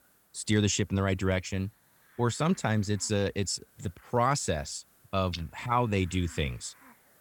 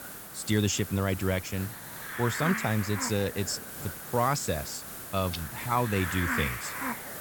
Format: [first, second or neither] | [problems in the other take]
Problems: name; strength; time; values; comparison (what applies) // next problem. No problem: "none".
first | hiss; loud; throughout; 6 dB below the speech; faint in the first